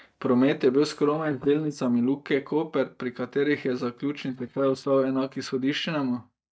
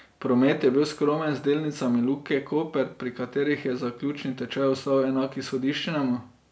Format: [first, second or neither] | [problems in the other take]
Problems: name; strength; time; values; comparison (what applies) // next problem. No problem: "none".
second | noise reduction (neural mask model DeepFilterNet 3)